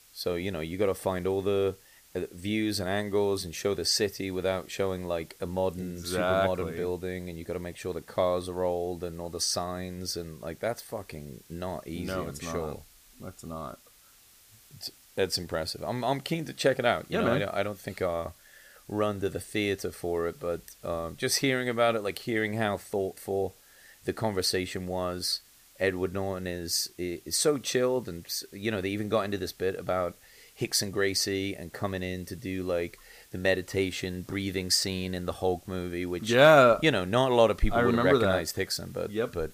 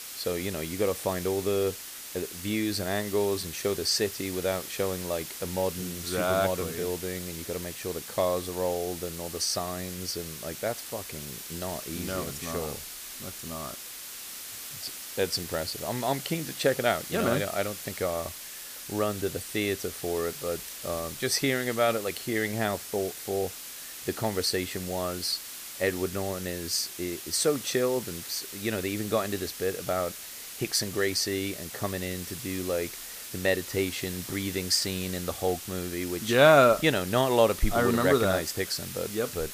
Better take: first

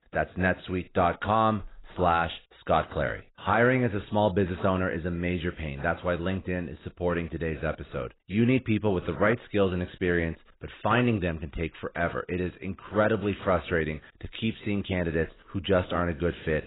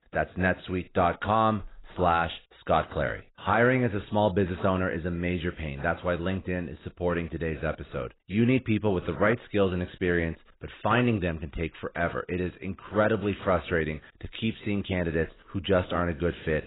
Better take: neither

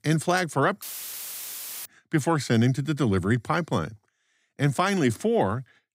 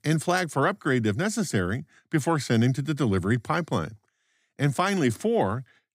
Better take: second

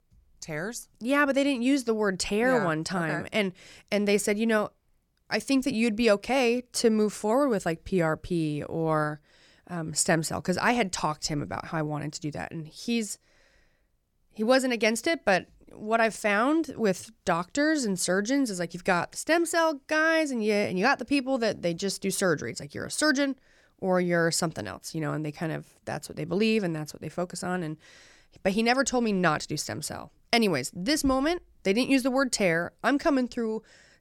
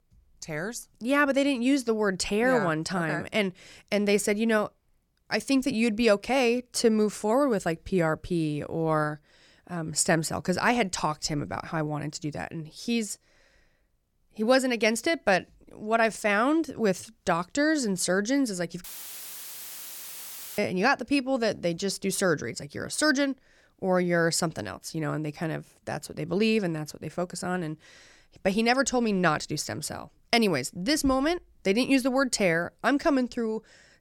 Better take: first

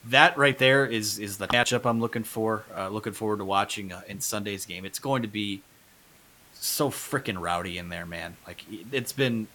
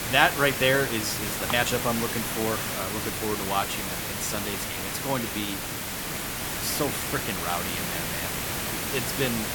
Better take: first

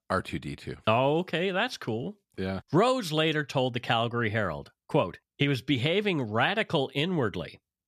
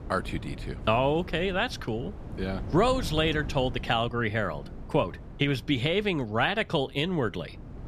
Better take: first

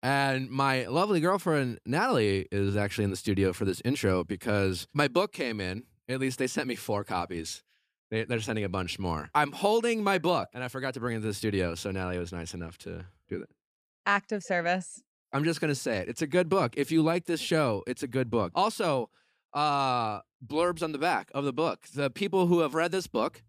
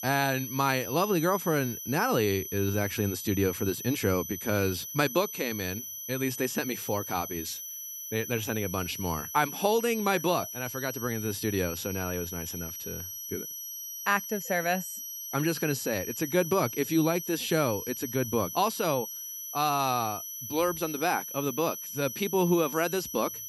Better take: first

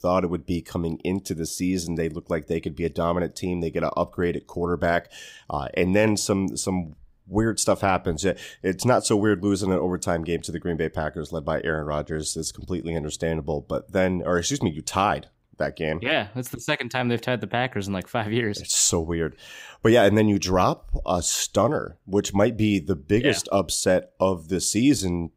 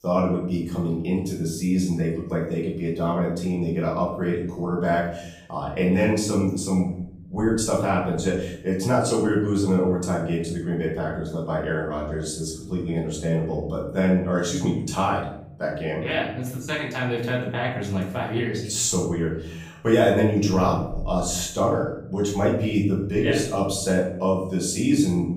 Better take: first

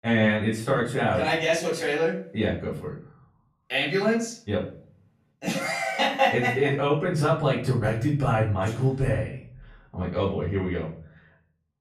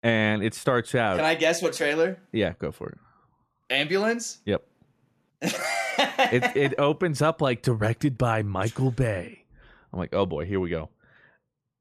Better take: second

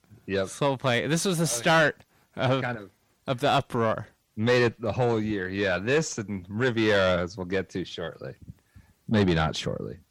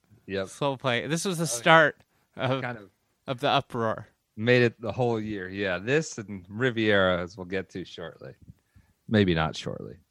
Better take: second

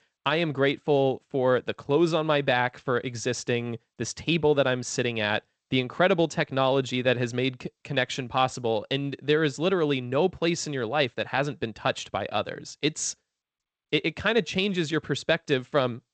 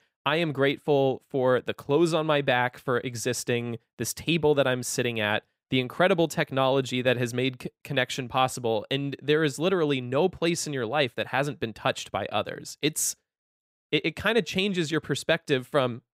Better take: second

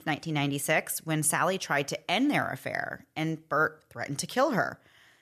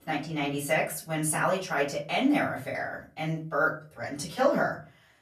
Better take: first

